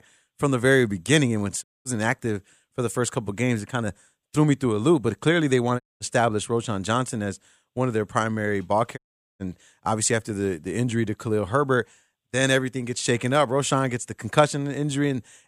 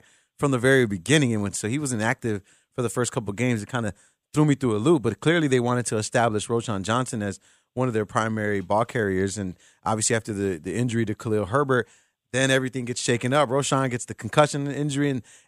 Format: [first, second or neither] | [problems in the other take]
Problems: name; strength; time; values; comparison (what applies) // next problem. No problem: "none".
second | audio cutting out; at 1.5 s, at 6 s and at 9 s